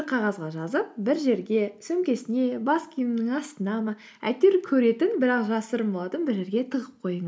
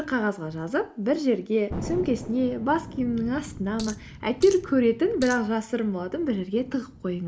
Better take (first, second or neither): first